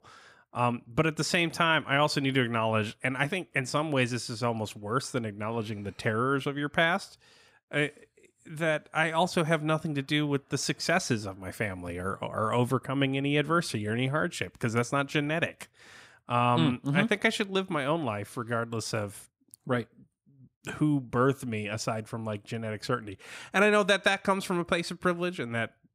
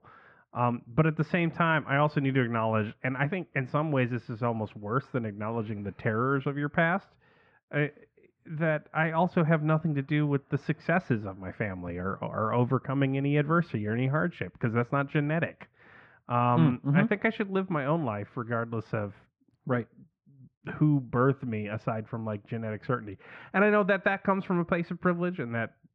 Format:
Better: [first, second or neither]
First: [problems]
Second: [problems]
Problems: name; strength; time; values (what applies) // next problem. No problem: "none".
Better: first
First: none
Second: muffled; very; fading above 2 kHz